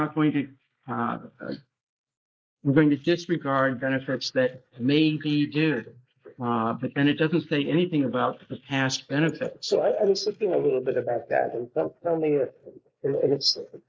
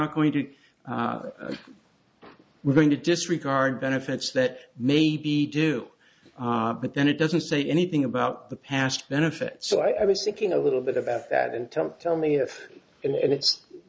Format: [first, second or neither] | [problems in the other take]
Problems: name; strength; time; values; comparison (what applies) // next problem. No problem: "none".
second | noise reduction (neural mask model Resemble Enhance denoiser)